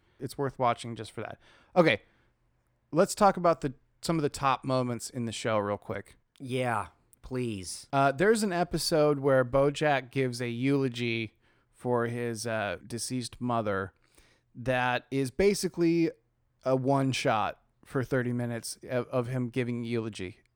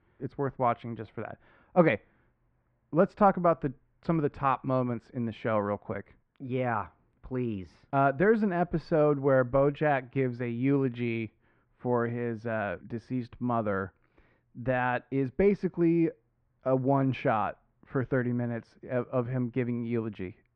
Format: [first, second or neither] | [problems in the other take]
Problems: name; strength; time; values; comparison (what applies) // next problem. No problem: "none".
first | muffled; very; fading above 2 kHz